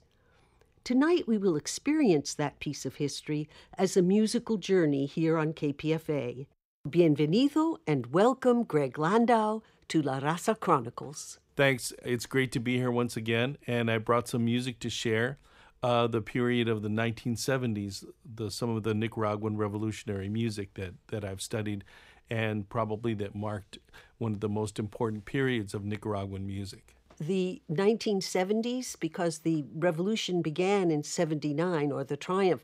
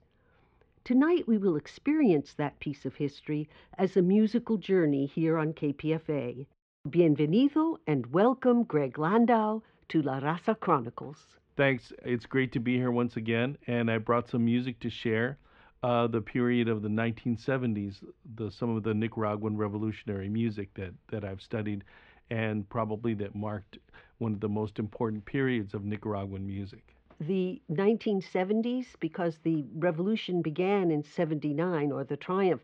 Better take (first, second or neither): first